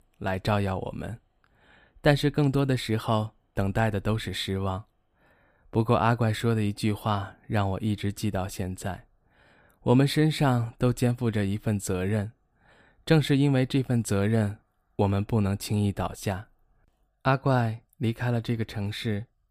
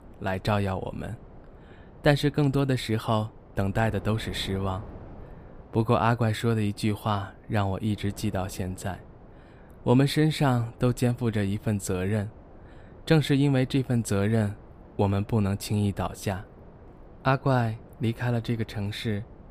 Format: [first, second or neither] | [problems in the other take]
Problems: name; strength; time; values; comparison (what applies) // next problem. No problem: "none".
first | wind noise on the microphone; occasional gusts; 20 dB below the speech